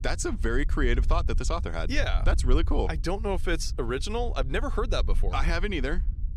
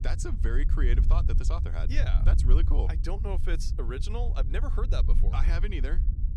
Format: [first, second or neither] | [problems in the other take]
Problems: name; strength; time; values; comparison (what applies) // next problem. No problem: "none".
first | low rumble; loud; throughout; 8 dB below the speech; faint in the first